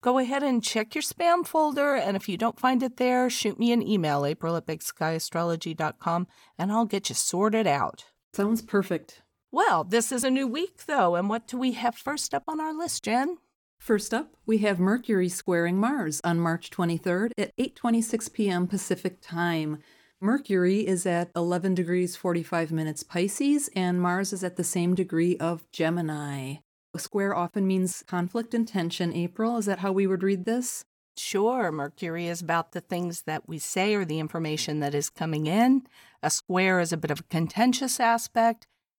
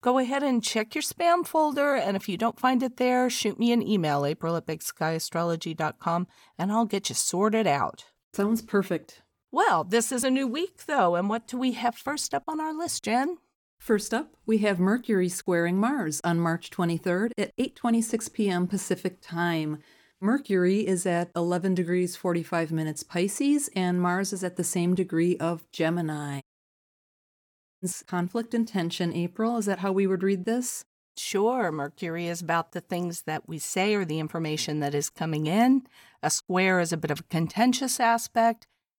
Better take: first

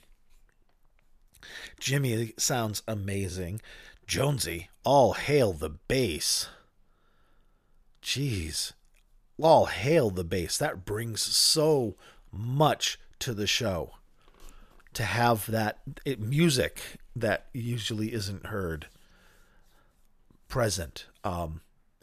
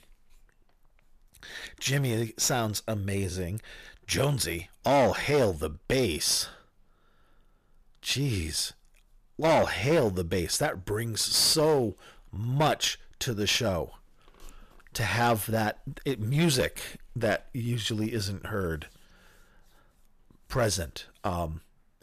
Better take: first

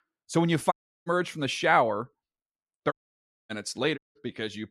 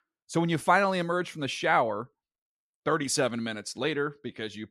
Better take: second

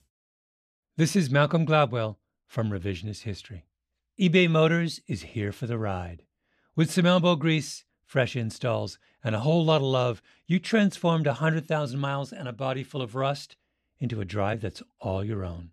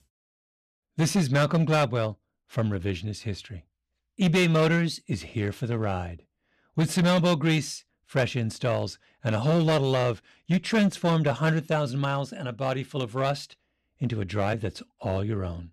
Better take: first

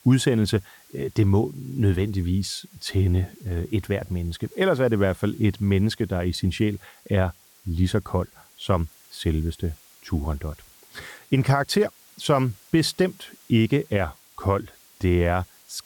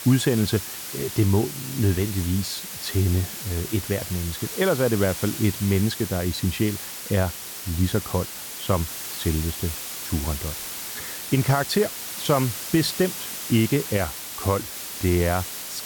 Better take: first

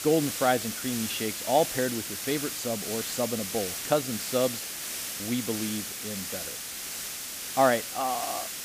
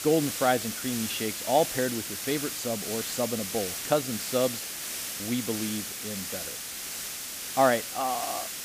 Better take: neither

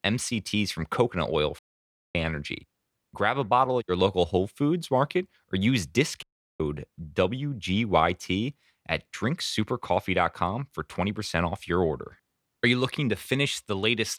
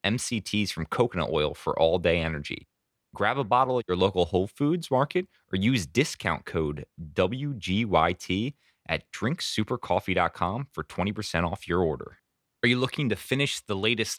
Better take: second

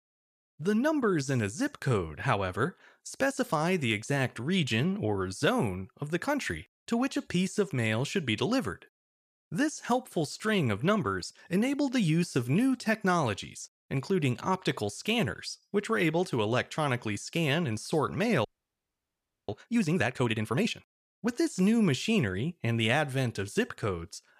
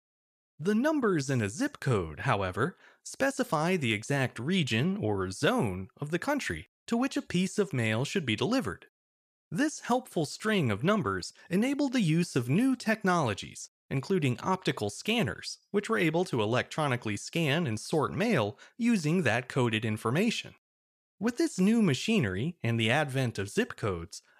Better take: second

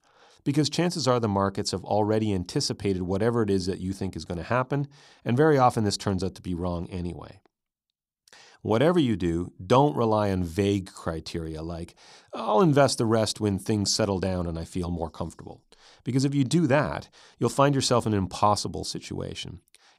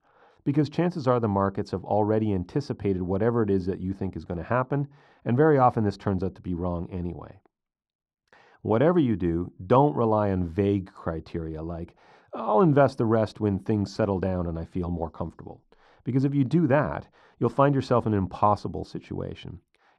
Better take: first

